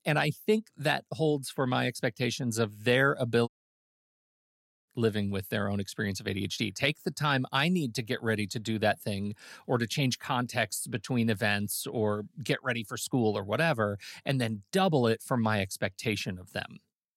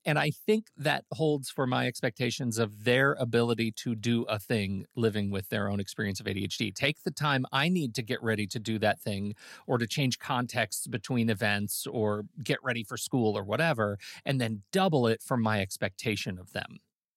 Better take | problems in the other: second | audio cutting out; at 3.5 s for 1.5 s

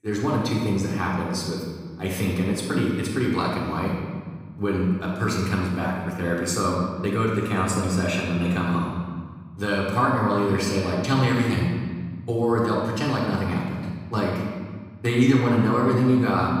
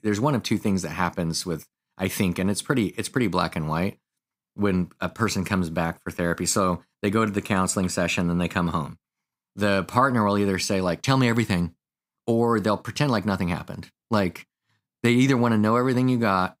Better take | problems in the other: second | room echo; noticeable; dies away in 1.6 s // off-mic speech; far

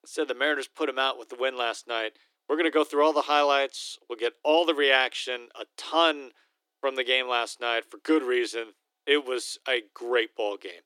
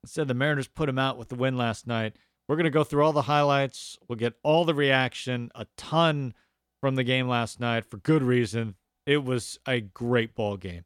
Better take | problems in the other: second | thin; very; fading below 300 Hz

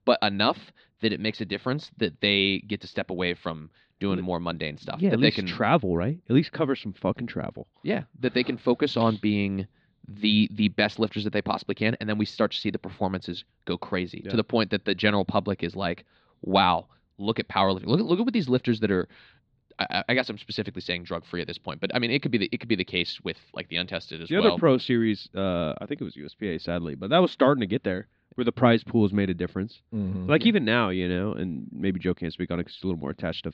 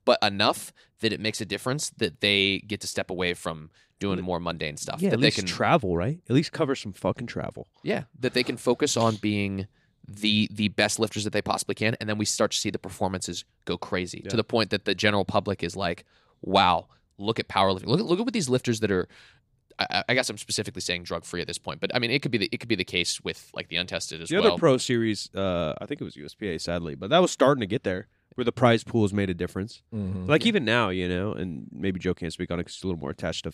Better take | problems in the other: second | muffled; very slightly; fading above 4 kHz

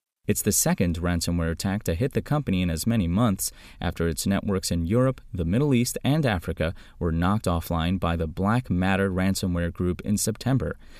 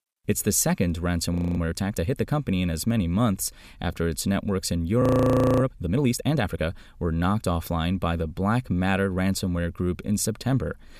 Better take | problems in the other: first | audio freezing; at 1.5 s and at 5 s for 0.5 s

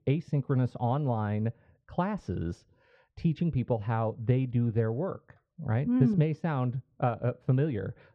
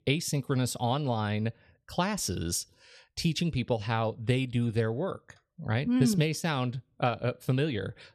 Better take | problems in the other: second | muffled; very; fading above 1.5 kHz

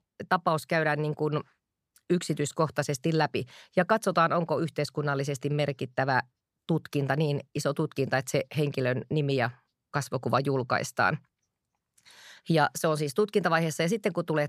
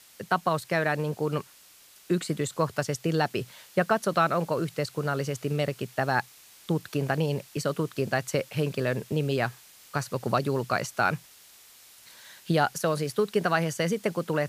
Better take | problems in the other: first | hiss; faint; throughout; 20 dB below the speech

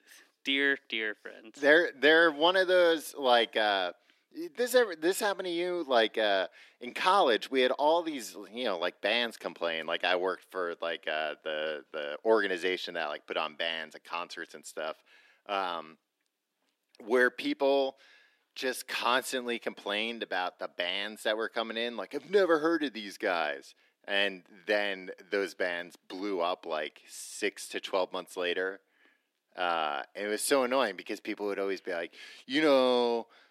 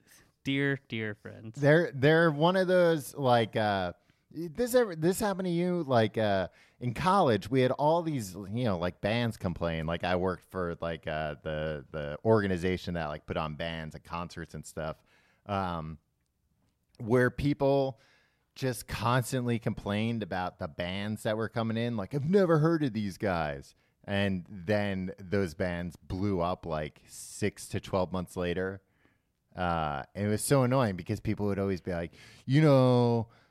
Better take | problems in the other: second | thin; somewhat; fading below 300 Hz

